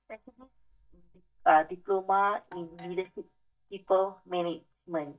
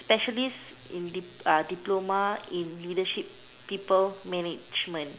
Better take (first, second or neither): second